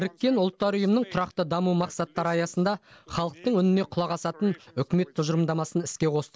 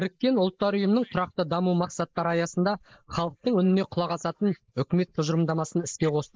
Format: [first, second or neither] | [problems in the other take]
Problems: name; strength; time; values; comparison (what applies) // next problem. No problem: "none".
first | noise reduction (neural mask model Resemble Enhance denoiser)